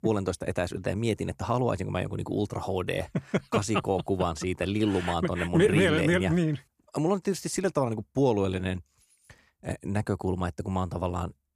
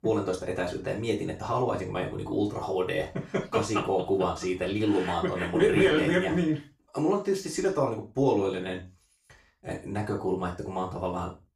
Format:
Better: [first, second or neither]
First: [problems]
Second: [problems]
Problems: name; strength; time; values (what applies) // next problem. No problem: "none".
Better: first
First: none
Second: room echo; slight; dies away in 0.3 s // off-mic speech; far